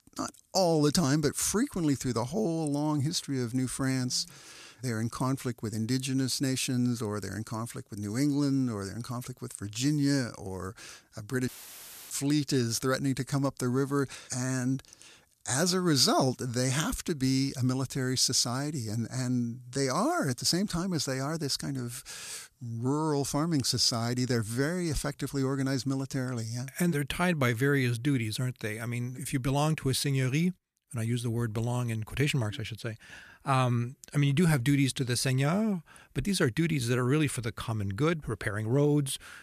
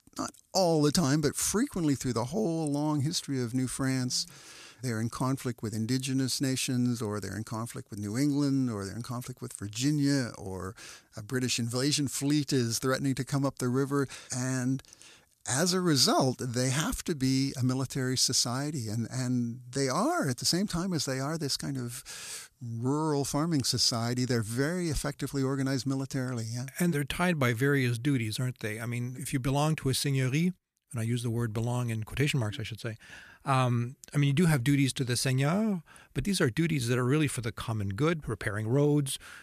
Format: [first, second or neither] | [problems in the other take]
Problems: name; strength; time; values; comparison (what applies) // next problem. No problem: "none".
second | audio cutting out; filled with static; at 11 s for 0.5 s